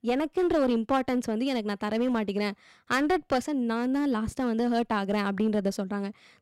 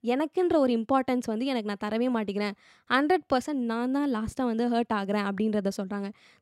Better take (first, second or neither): second